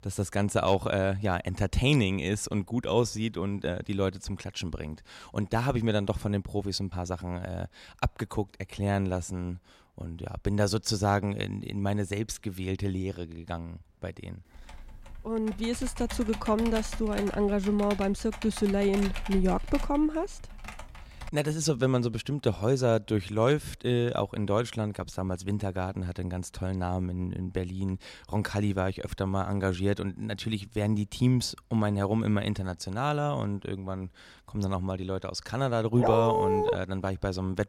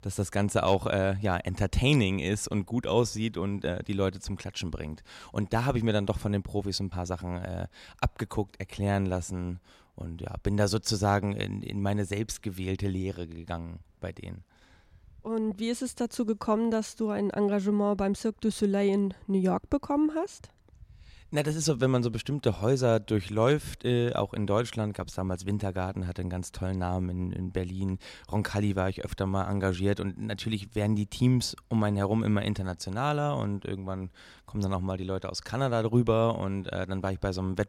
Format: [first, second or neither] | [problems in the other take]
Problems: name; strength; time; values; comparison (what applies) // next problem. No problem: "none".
second | keyboard typing; noticeable; from 15 to 21 s; peak 7 dB below the speech // dog barking; loud; at 36 s; peak 4 dB above the speech